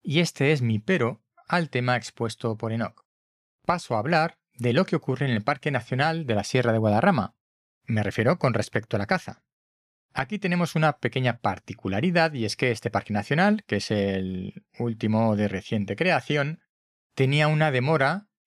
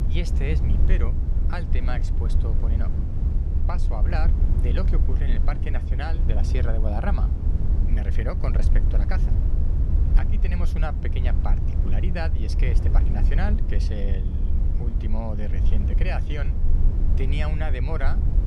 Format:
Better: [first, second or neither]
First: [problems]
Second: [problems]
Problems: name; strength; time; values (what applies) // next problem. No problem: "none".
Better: first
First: none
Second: low rumble; loud; throughout; 5 dB below the speech